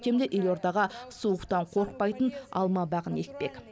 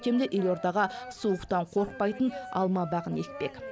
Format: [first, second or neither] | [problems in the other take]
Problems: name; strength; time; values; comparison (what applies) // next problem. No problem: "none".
first | background sound (Wind instrument, woodwind instrument); 16 dB below the speech